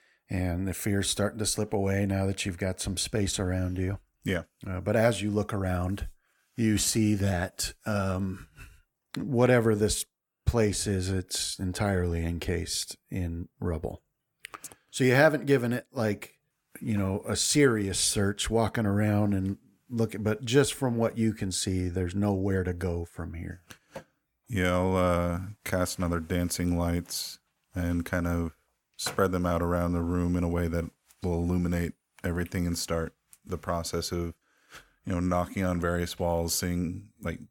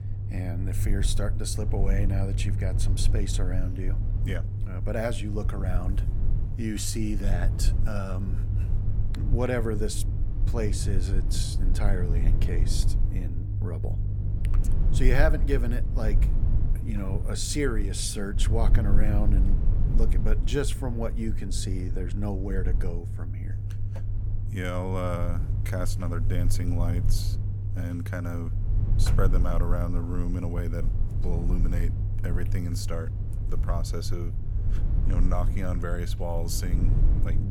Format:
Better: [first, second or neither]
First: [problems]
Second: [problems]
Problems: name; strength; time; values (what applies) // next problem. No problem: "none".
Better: first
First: none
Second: low rumble; loud; throughout; 9 dB below the speech